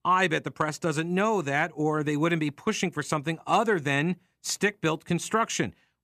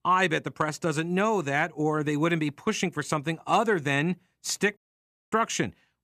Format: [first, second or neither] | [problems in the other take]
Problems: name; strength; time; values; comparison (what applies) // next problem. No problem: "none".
first | audio cutting out; at 5 s for 0.5 s